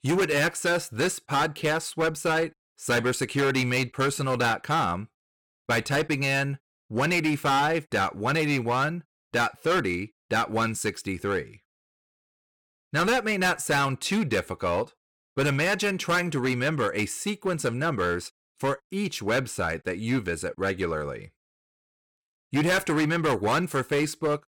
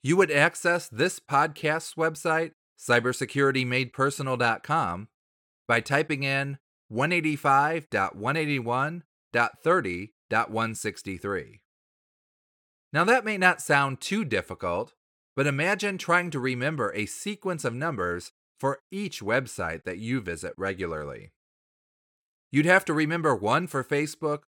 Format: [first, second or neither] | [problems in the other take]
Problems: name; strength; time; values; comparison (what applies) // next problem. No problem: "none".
second | distortion; heavy; 11% of the sound clipped